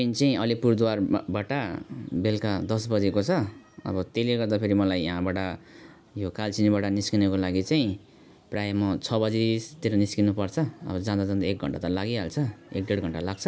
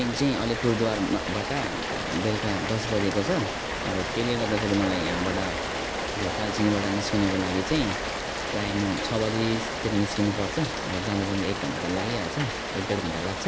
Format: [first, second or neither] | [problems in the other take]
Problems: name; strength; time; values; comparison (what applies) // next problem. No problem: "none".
first | background sound (Rain); 2 dB below the speech